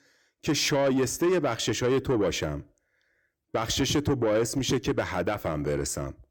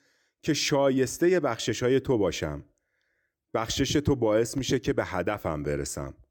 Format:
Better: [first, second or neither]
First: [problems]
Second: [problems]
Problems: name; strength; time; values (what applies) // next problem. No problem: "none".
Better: second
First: distortion; slight; 10 dB below the speech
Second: none